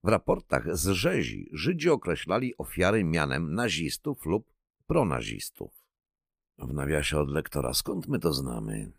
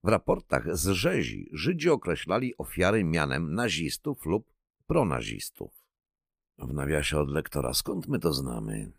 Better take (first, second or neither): neither